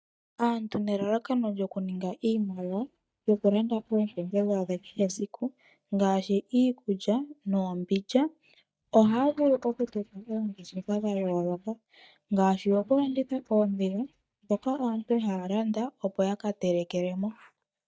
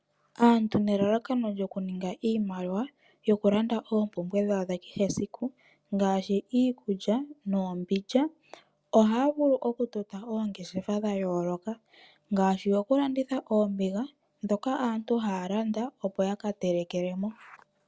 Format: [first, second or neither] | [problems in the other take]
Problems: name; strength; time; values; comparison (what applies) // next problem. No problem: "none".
second | noise reduction (neural mask model DeepFilterNet 3)